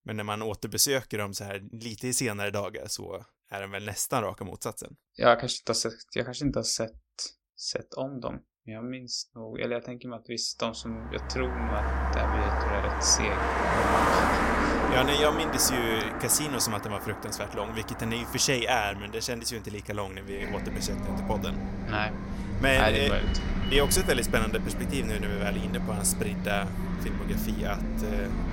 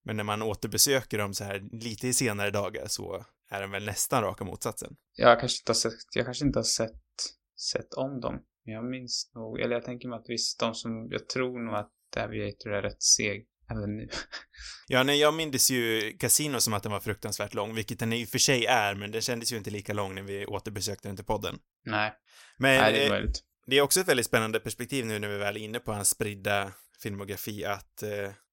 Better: second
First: traffic noise; loud; from 11 s on; 1 dB below the speech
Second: none

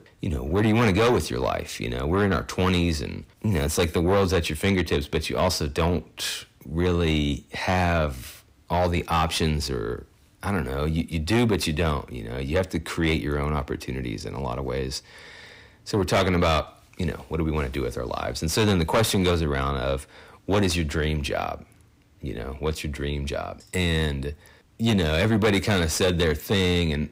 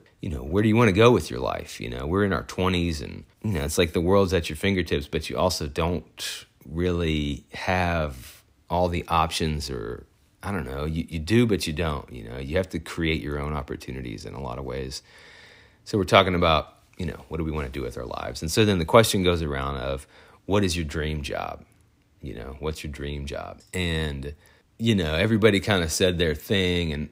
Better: second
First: distortion; heavy; 7 dB below the speech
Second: none

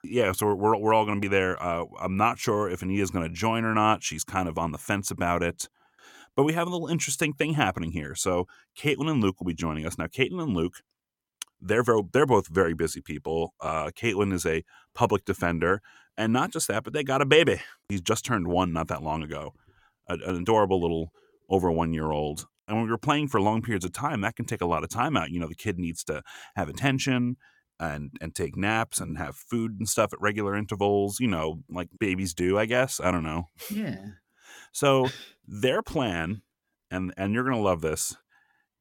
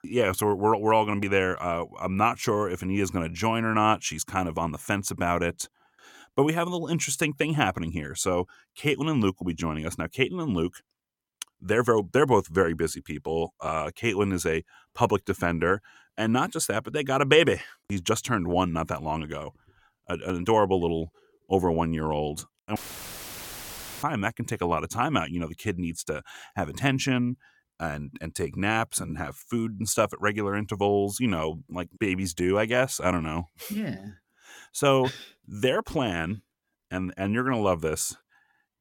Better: first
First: none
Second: audio cutting out; filled with static; at 23 s for 1.5 s

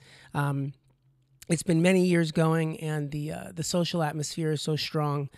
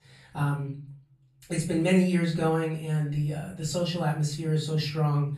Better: first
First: none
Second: off-mic speech; far // room echo; slight; dies away in 0.4 s

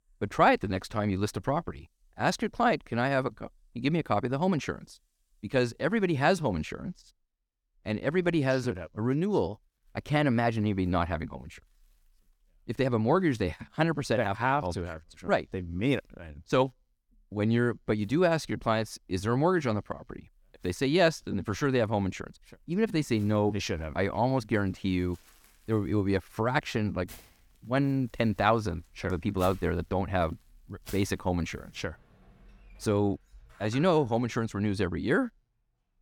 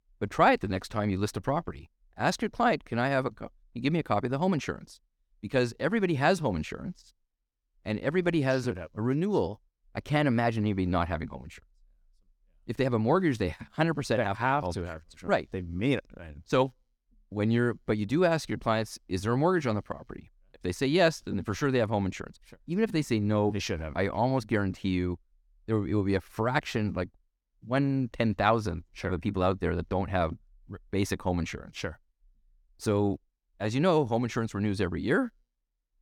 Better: second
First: household noises; faint; throughout; 25 dB below the speech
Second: none

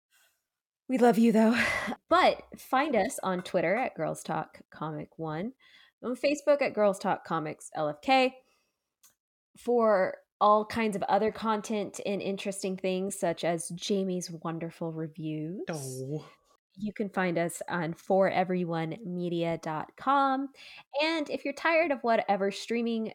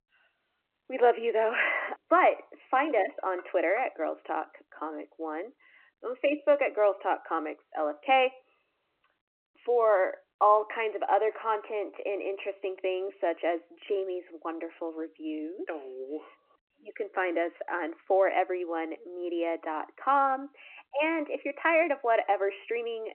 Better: first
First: none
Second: phone-call audio

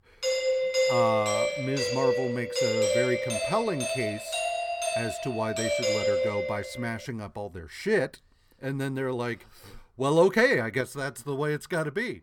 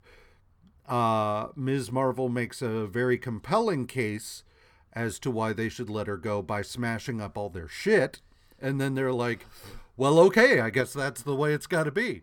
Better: second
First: doorbell; loud; until 7 s; peak 6 dB above the speech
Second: none

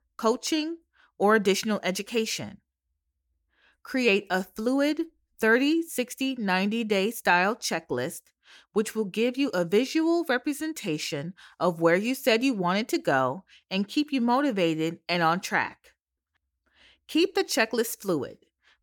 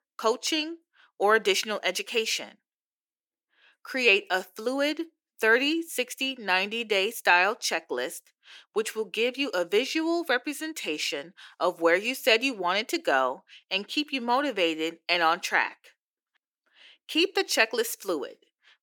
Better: first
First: none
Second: thin; somewhat; fading below 350 Hz

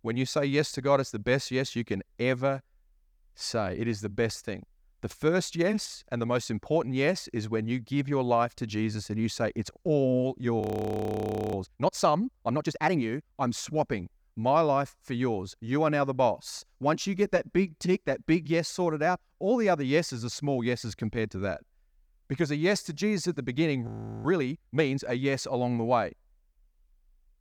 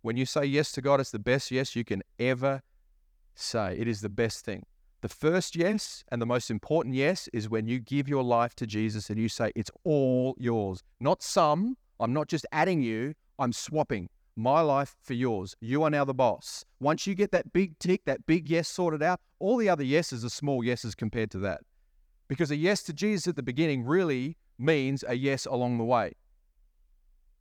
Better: second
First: audio freezing; at 11 s for 1 s and at 24 s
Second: none

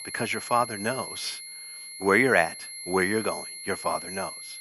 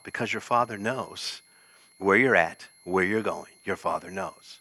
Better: second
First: high-pitched whine; loud; throughout; 11 kHz, 10 dB below the speech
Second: high-pitched whine; faint; throughout; 11 kHz, 30 dB below the speech

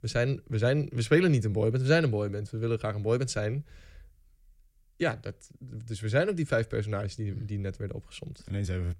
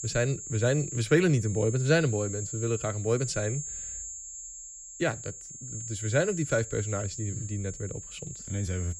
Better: first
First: none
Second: high-pitched whine; loud; throughout; 7.5 kHz, 9 dB below the speech

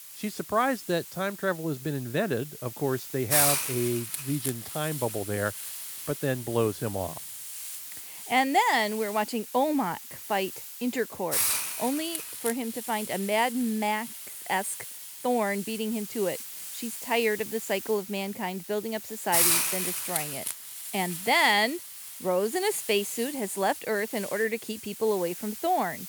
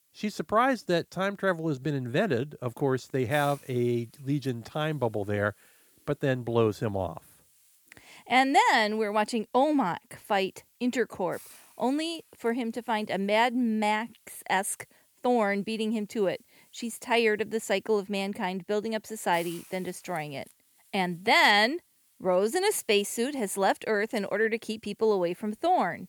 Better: second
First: hiss; loud; throughout; 3 dB below the speech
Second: hiss; faint; throughout; 30 dB below the speech

